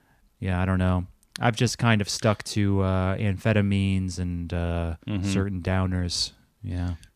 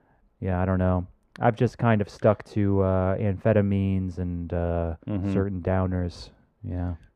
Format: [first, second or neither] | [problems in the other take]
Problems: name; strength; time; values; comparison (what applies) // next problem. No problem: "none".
first | muffled; very; fading above 2.5 kHz